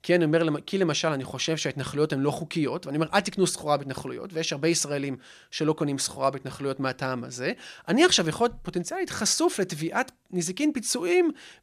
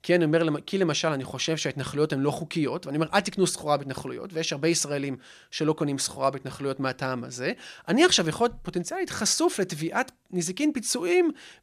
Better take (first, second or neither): neither